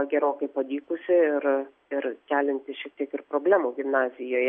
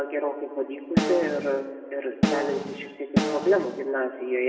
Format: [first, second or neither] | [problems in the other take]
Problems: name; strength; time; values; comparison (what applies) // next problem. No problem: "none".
first | background sound (Snare drum); as loud as the speech // room echo; dies away in 1.4 s